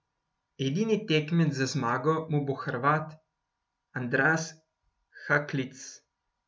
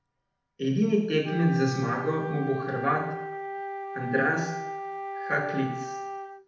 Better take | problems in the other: first | background sound (Wind instrument, woodwind instrument); 7 dB below the speech // room echo; dies away in 0.8 s

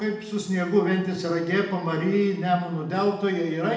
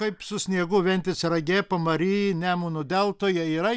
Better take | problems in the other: second | room echo; dies away in 0.8 s

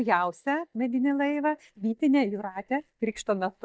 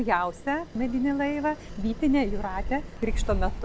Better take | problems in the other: second | noise reduction (neural mask model DeepFilterNet 3)

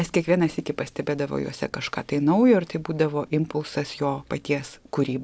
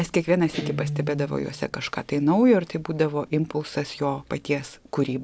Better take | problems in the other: first | background sound (Guitar); 13 dB below the speech

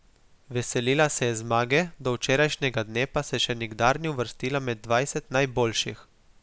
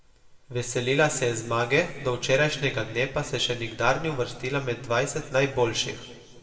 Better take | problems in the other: first | room echo; dies away in 1.4 s

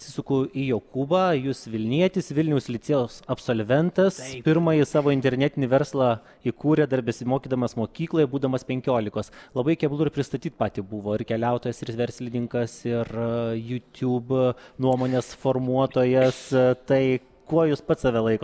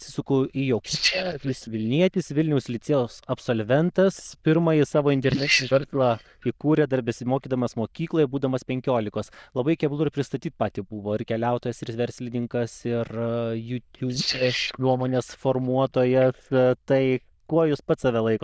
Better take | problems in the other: first | noise reduction (neural diffusion model UNIVERSE++)

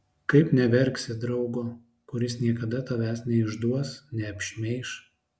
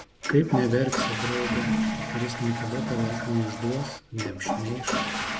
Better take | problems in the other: first | background sound (Toilet flush / Water); 2 dB below the speech

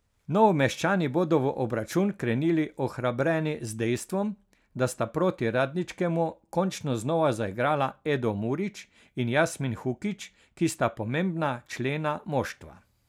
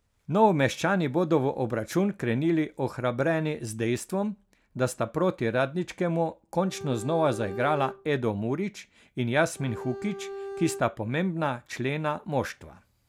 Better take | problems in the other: first | background sound (Bowed string instrument); 12 dB below the speech

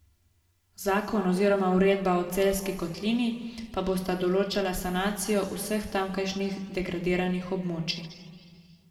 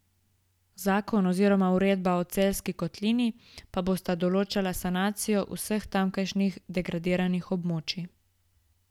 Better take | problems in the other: second | room echo; dies away in 1.6 s

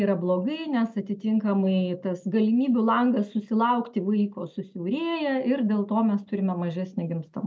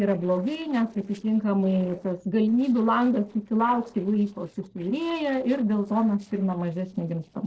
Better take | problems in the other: first | noise reduction (neural separator model SepFormer DNS4)

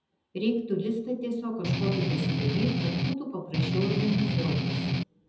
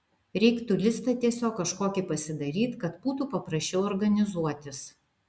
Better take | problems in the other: second | background sound (Strum); 4 dB above the speech // room echo; dies away in 0.8 s

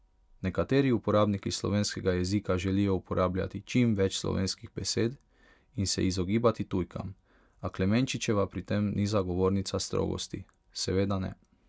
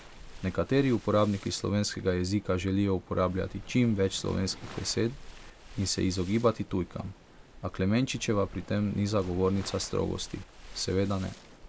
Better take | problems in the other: first | background sound (Waves, surf); 17 dB below the speech

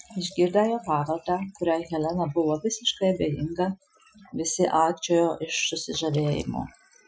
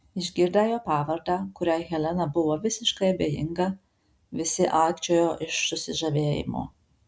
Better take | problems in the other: second | noise reduction (classical method Wiener filter)

